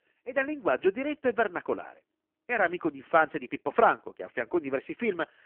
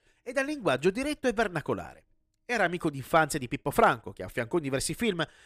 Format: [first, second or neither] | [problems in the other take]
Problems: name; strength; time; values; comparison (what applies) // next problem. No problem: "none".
second | phone-call audio; poor line